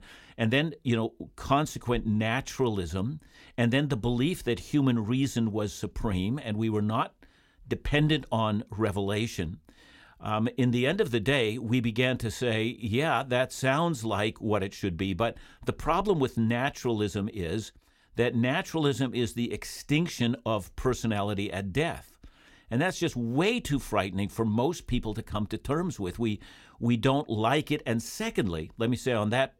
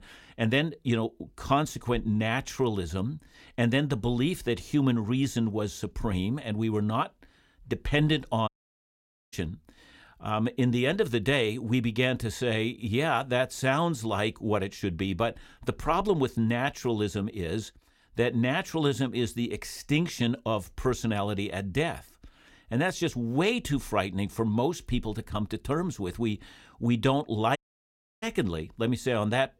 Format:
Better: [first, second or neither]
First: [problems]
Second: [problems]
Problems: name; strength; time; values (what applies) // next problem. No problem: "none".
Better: first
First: none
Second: audio cutting out; at 8.5 s for 1 s and at 28 s for 0.5 s